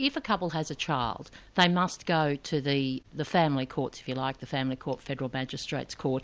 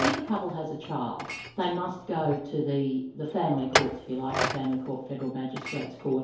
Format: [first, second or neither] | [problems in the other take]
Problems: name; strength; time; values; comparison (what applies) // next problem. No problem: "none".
first | background sound (Chink, clink); 4 dB below the speech // room echo; dies away in 2.4 s